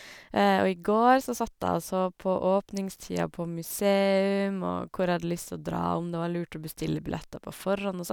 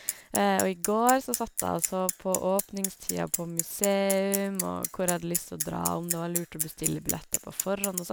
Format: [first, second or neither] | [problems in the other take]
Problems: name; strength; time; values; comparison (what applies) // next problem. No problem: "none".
first | background sound (Bicycle); 5 dB below the speech